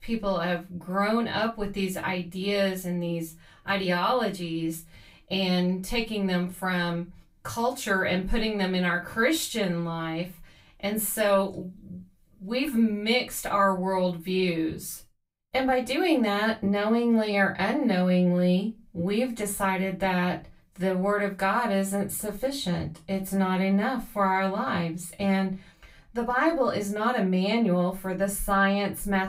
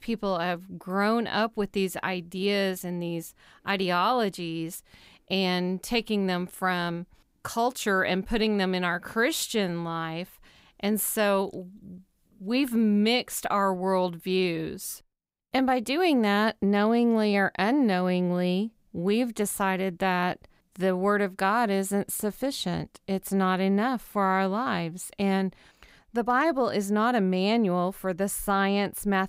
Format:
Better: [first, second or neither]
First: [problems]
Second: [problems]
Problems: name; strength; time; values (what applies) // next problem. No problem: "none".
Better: second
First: off-mic speech; far // room echo; very slight; dies away in 0.2 s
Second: none